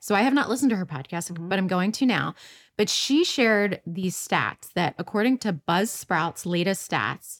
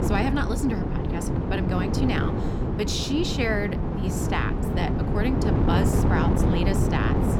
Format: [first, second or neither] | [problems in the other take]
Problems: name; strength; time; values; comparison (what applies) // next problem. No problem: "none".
first | wind noise on the microphone; heavy; 1 dB below the speech